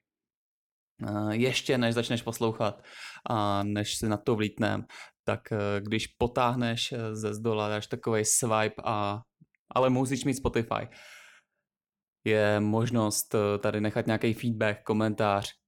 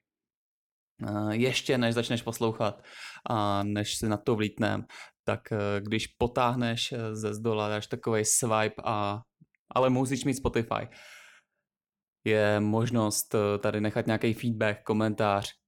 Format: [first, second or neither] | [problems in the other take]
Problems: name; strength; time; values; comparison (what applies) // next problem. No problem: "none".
neither | none